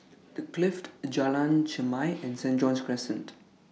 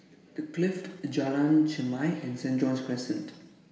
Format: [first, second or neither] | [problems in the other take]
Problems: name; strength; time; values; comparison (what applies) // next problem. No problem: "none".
first | room echo; dies away in 1.1 s